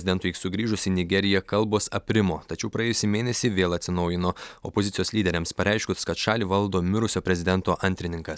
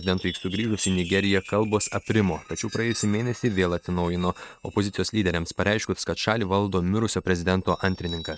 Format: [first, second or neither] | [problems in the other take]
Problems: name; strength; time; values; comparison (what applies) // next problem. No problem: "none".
first | noise reduction (neural mask model RNNoise)